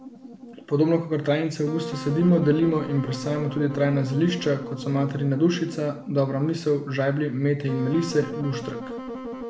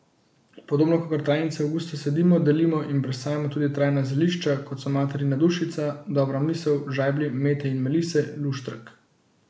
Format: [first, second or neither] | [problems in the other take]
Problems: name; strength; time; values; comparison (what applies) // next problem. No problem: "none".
second | background sound (Wind instrument, woodwind instrument); 12 dB below the speech